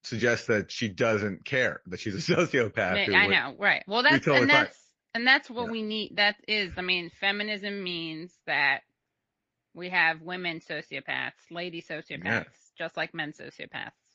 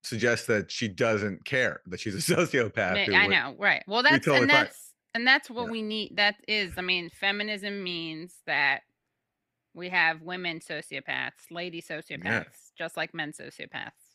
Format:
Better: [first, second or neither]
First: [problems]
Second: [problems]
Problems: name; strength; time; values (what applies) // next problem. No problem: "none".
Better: second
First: garbled, watery; slightly; nothing above 7 kHz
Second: none